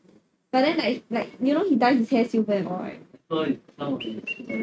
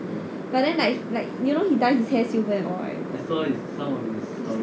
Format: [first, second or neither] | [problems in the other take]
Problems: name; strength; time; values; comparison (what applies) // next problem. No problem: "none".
second | noise reduction (neural mask model RNNoise)